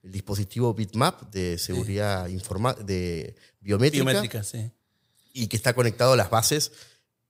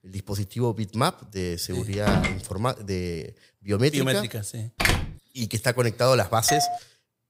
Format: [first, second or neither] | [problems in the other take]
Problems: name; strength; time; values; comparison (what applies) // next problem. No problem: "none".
first | door banging; loud; at 2 s and at 5 s; peak 3 dB above the speech // doorbell; loud; at 6.5 s; peak 1 dB above the speech